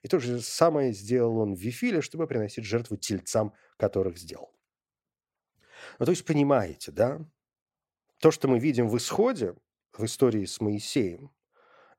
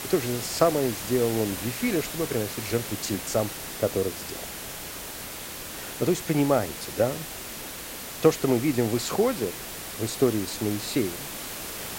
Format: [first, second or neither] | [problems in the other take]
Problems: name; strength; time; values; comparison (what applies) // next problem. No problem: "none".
first | hiss; loud; throughout; 7 dB below the speech